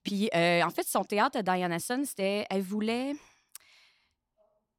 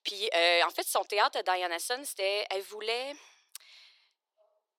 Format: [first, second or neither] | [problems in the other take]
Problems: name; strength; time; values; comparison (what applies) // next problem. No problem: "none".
first | thin; very; fading below 400 Hz